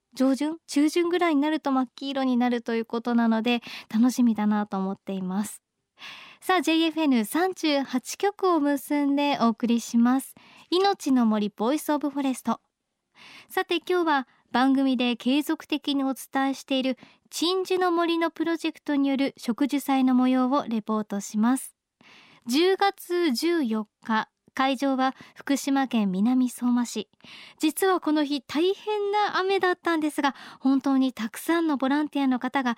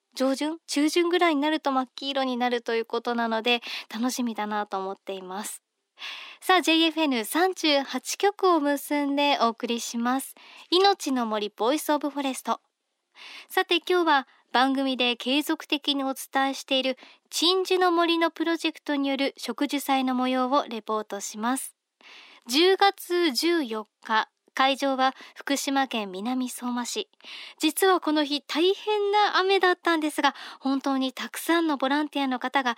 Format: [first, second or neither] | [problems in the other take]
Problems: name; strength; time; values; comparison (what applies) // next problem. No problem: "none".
first | thin; very slightly; fading below 300 Hz